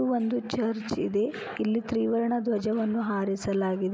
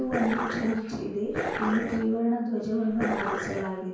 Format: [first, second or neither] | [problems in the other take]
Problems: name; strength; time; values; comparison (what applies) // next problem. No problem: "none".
first | background sound (Dog); 4 dB below the speech // room echo; dies away in 0.5 s